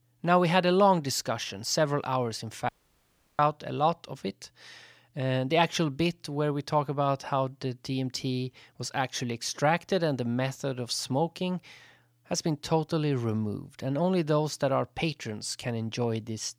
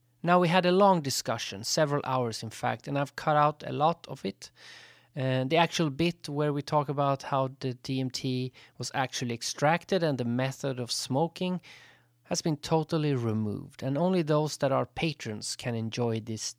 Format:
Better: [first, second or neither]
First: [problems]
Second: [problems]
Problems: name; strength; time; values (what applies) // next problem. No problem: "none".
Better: second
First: audio cutting out; at 2.5 s for 0.5 s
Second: none